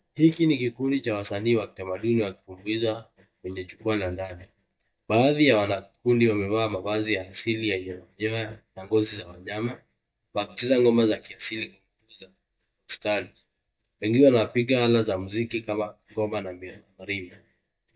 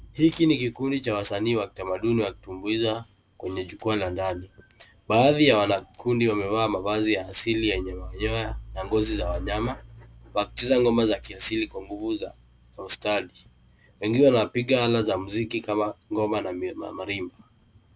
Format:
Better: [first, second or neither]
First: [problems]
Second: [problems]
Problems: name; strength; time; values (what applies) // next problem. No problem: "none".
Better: second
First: noise reduction (neural mask model DeepFilterNet 3)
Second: none